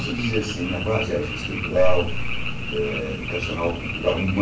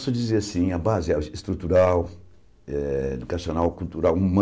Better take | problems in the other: second | background sound (Frog); 7 dB below the speech // room echo; dies away in 0.3 s

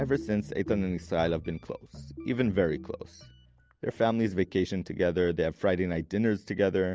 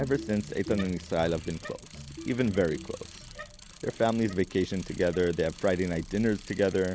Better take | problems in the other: first | background sound (Bicycle); 18 dB below the speech

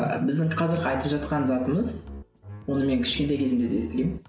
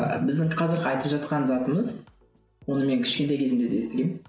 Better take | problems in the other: second | background sound (Bowed string instrument); 14 dB below the speech

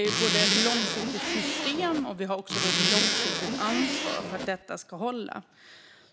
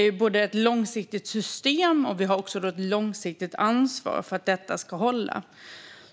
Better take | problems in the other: second | background sound (Zipper (clothing)); 4 dB above the speech

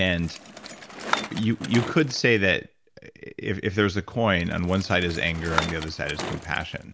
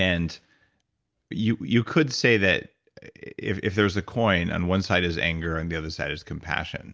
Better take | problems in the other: second | background sound (Bicycle); 10 dB below the speech

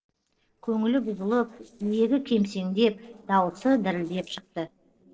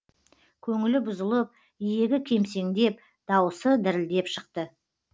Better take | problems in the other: second | noise reduction (neural separator model SepFormer DNS4)

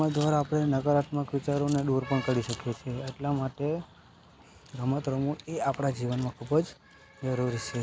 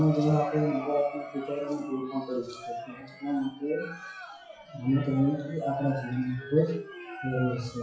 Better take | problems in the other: first | noise reduction (classical method WPE with log-MMSE)

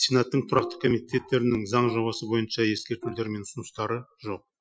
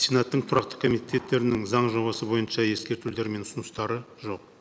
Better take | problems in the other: second | noise reduction (classical method Wiener filter)

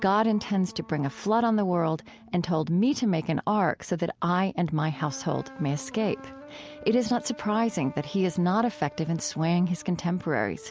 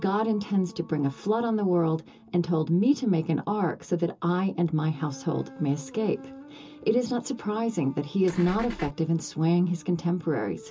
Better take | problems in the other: first | background sound (Engine / Car); 11 dB below the speech // room echo; dies away in 0.2 s

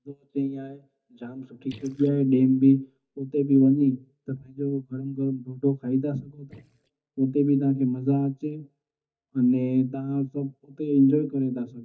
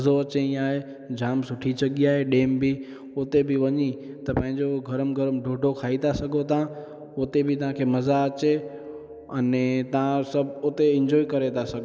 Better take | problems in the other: second | noise reduction (neural mask model DeepFilterNet 3)

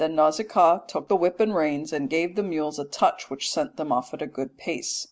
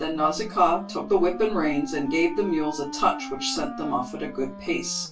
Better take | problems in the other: first | background sound (Wind instrument, woodwind instrument); 12 dB below the speech // room echo; dies away in 0.1 s

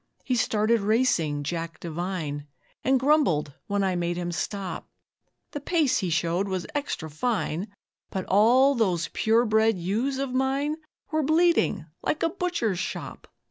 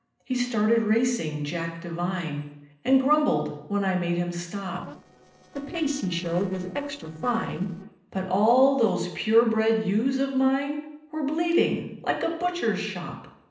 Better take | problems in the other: first | noise reduction (neural separator model SepFormer DNS4)

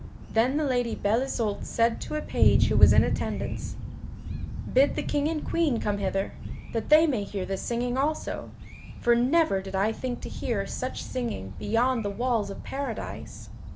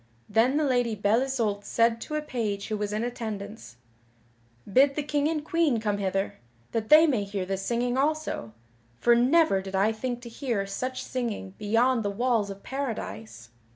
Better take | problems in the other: second | background sound (Thunder); 2 dB below the speech

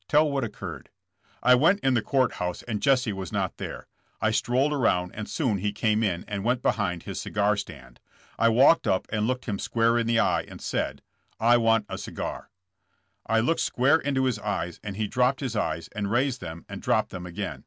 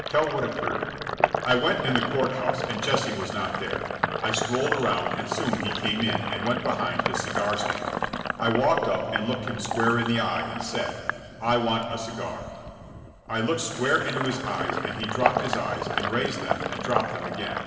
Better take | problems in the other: first | background sound (Sink (filling or washing)); 3 dB below the speech // room echo; dies away in 2.7 s

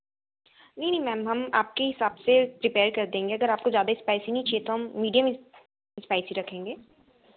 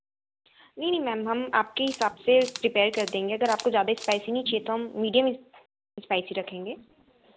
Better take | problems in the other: first | background sound (Camera); 16 dB below the speech

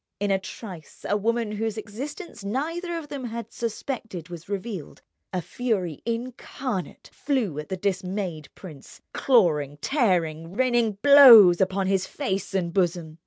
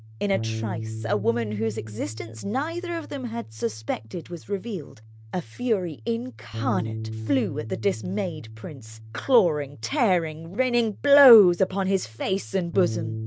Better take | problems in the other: first | background sound (Bass guitar); 10 dB below the speech

